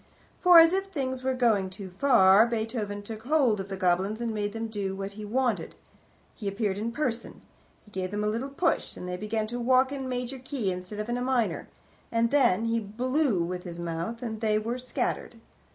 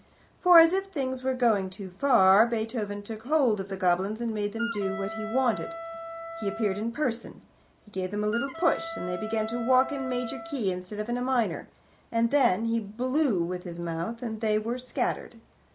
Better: first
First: none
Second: background sound (Wind instrument, woodwind instrument); 10 dB below the speech

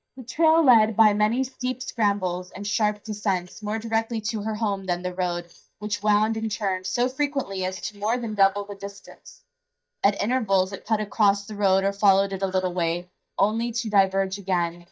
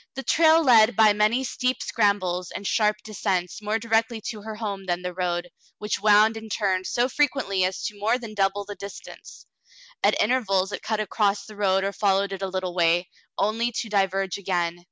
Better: second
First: noise reduction (neural mask model DeepFilterNet 3)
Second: none

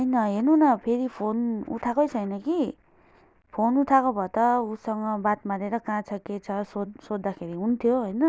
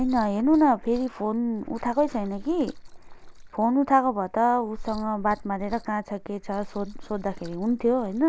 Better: first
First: none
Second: background sound (Liquid); 14 dB below the speech

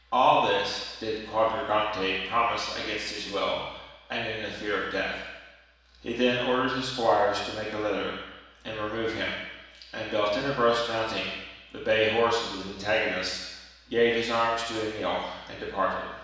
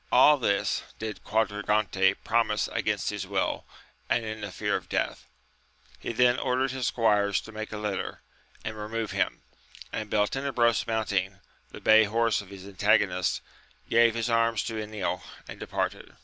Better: second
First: room echo; dies away in 1.1 s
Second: none

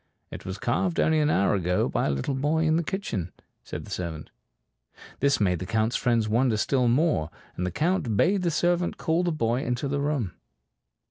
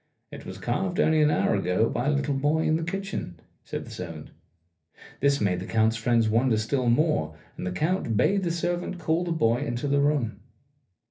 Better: first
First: none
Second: room echo; dies away in 0.3 s

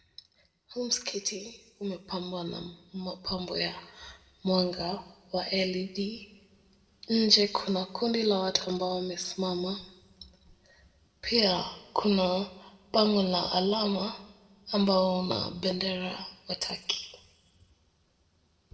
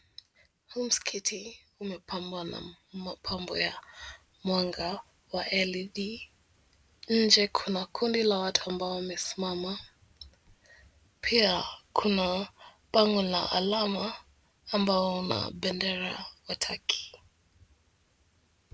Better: second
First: room echo; dies away in 1 s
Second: none

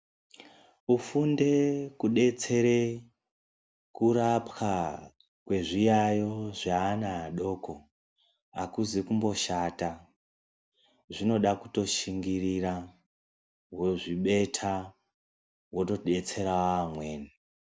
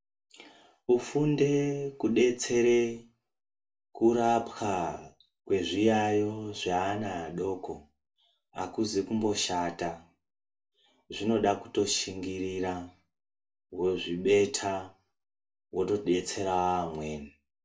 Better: first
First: none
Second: room echo; dies away in 0.2 s

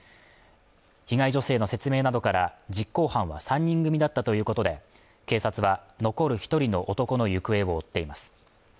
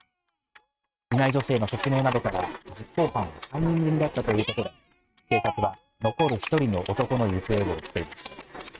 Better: first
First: none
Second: noise reduction (neural mask model RNNoise)

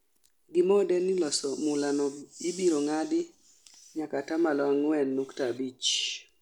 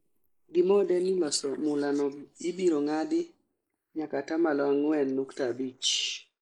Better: first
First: none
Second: noise reduction (neural mask model Resemble Enhance denoiser)

